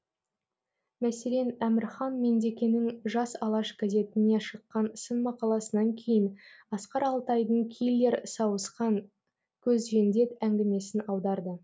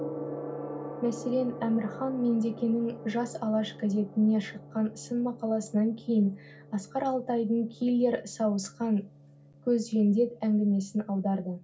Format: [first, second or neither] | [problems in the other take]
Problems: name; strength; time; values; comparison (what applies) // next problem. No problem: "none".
first | background sound (Gong); 15 dB below the speech // room echo; dies away in 0.4 s